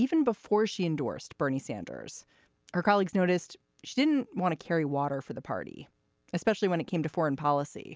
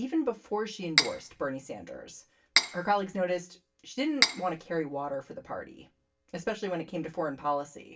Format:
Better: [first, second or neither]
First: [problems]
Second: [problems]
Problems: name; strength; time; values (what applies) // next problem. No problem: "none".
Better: first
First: none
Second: background sound (Cutlery, silverware); 4 dB above the speech // room echo; dies away in 0.2 s